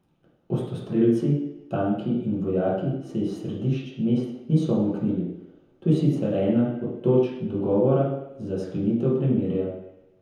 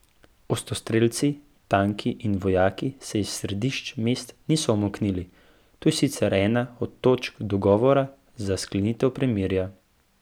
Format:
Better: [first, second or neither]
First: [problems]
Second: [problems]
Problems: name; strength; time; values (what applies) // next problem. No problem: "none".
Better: second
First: room echo; dies away in 0.9 s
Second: none